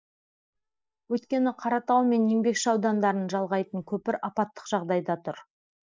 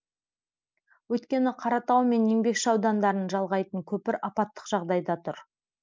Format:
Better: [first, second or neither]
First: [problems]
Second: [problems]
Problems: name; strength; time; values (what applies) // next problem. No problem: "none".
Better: second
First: noise reduction (neural mask model DeepFilterNet 3)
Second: none